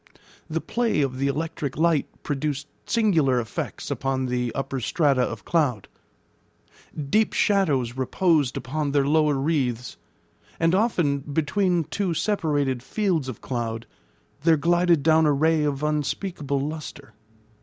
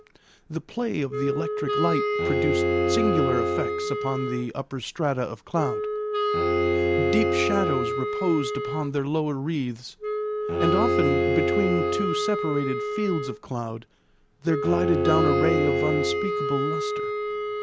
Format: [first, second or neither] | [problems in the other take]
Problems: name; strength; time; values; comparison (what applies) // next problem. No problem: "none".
first | background sound (Wind instrument, woodwind instrument + Bowed string instrument); 3 dB above the speech